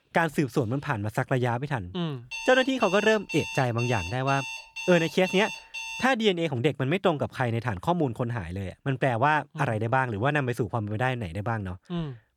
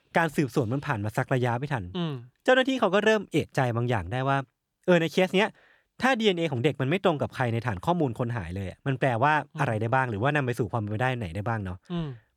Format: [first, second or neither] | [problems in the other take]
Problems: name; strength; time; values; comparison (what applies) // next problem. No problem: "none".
second | alarm; noticeable; from 2.5 to 6 s; peak 7 dB below the speech